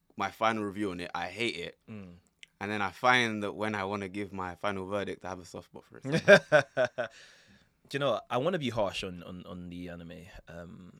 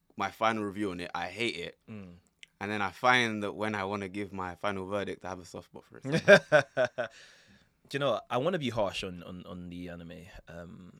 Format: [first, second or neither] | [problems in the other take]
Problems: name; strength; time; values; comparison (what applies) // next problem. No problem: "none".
neither | none